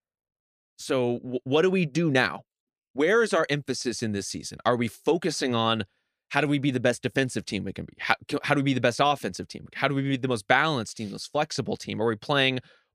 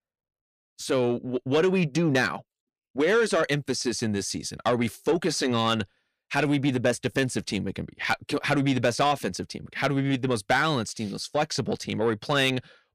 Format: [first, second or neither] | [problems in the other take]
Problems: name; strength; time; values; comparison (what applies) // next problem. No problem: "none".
first | distortion; slight; 10 dB below the speech